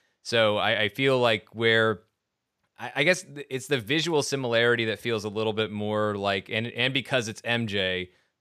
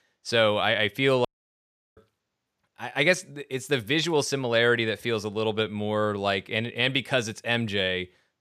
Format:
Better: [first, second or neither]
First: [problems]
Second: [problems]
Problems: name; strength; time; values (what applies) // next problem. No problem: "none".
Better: first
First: none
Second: audio cutting out; at 1.5 s for 0.5 s